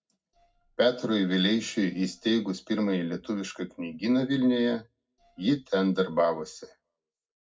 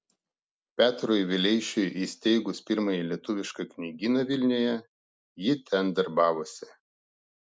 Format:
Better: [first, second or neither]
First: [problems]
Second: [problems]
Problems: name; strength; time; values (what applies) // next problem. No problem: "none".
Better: second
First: noise reduction (neural separator model SepFormer DNS4)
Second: none